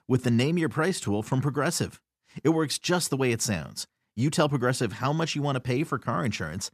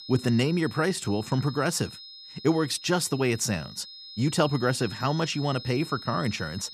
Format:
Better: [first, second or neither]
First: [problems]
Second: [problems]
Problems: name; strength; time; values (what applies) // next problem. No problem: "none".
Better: first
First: none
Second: high-pitched whine; noticeable; throughout; 5 kHz, 15 dB below the speech